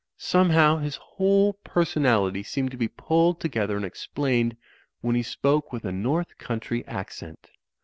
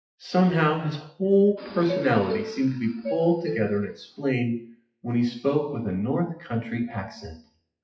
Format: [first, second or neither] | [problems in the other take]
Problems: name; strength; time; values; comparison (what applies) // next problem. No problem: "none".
first | noise reduction (classical method WPE with log-MMSE)